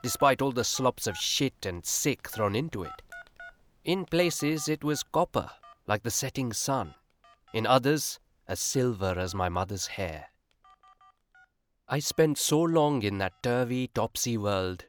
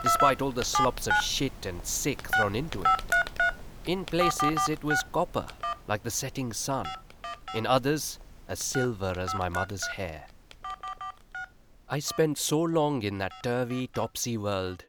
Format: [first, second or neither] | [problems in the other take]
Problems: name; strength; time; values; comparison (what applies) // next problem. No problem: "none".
first | alarms or sirens; loud; throughout; as loud as the speech; faint in the first